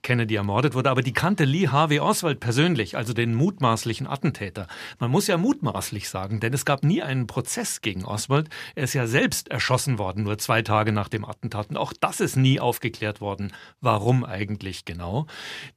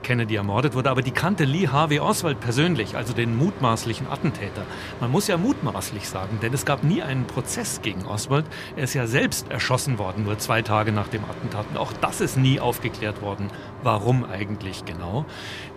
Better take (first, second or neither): first